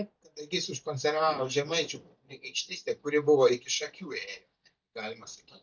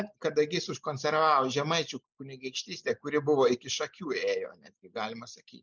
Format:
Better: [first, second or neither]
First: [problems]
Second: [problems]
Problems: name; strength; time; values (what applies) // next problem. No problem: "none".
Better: second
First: noise reduction (neural mask model DeepFilterNet 3)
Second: none